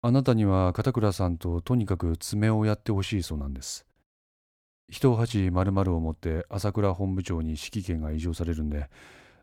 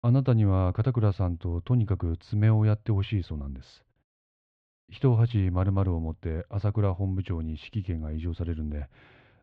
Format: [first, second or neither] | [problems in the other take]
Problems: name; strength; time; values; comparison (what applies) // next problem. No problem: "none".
first | muffled; slightly; fading above 3.5 kHz